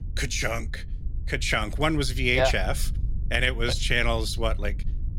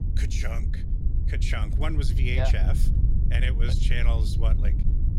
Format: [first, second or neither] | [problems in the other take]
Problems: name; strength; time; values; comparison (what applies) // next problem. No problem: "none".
first | wind noise on the microphone; heavy; 8 dB below the speech; occasional gusts in the first